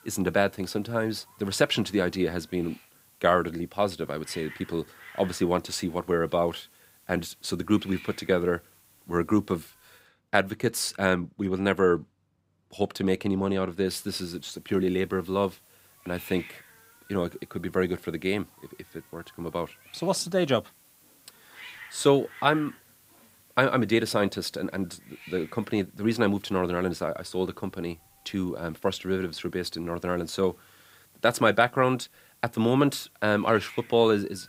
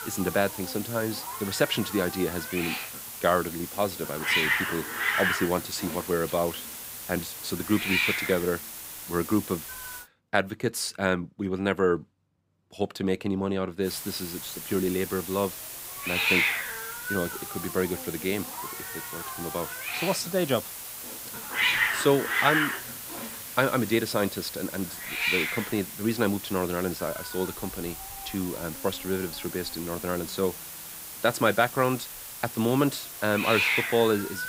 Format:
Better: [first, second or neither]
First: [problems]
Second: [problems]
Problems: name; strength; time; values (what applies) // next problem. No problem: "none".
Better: first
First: hiss; faint; until 10 s and from 14 s on; 25 dB below the speech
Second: hiss; loud; until 10 s and from 14 s on; 2 dB below the speech